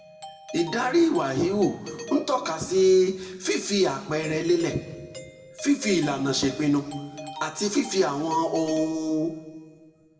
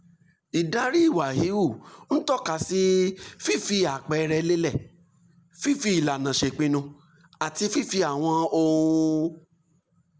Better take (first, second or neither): second